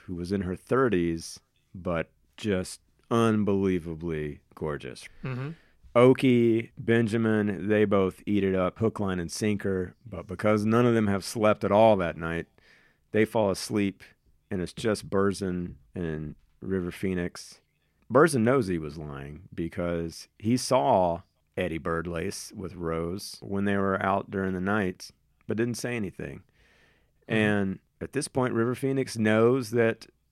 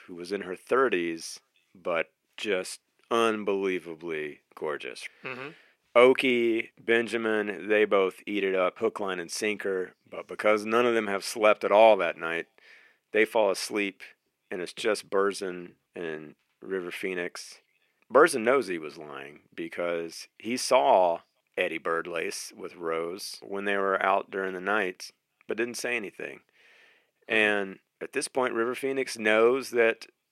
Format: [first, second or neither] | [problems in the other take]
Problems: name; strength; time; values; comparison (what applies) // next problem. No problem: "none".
first | thin; somewhat; fading below 450 Hz